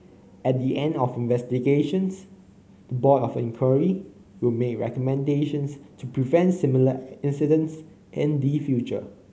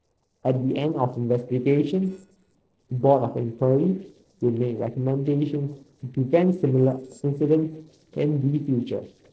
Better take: first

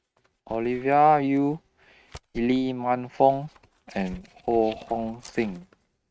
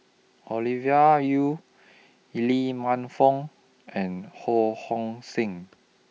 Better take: second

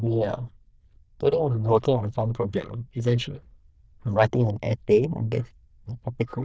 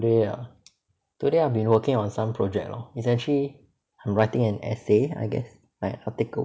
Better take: second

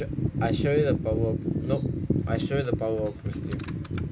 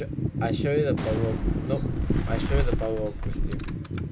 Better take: first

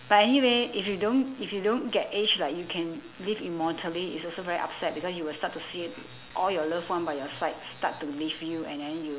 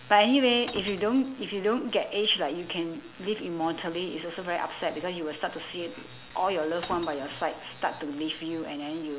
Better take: first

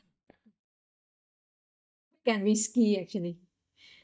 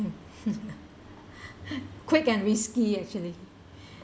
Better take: second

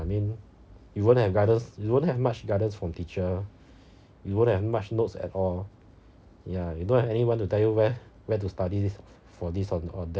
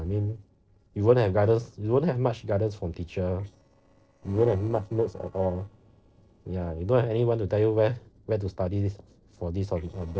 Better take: first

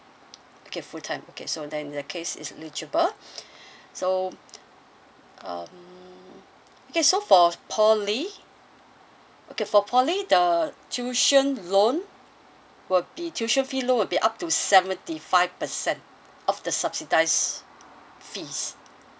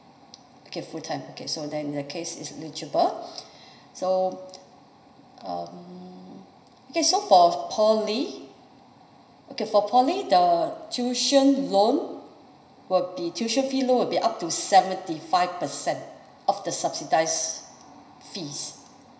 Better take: first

